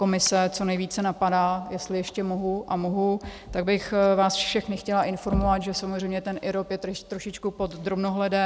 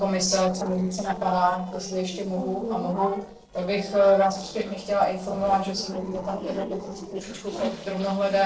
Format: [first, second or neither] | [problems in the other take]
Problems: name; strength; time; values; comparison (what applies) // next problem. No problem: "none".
first | noise reduction (neural separator model SepFormer DNS4)